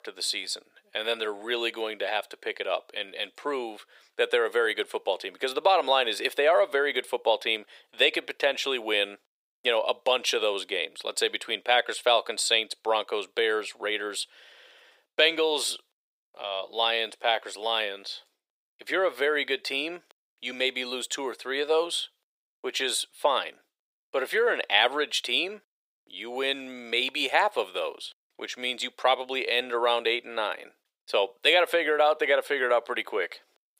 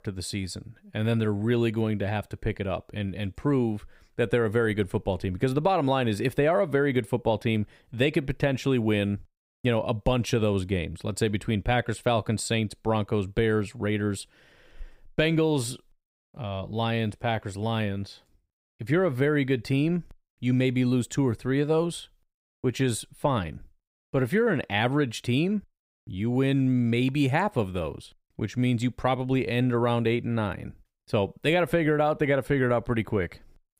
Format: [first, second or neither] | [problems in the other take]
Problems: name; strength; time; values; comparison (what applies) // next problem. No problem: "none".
second | thin; very; fading below 450 Hz